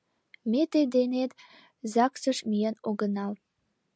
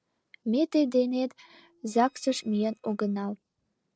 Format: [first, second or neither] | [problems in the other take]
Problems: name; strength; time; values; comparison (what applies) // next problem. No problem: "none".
first | noise reduction (neural separator model SepFormer DNS4)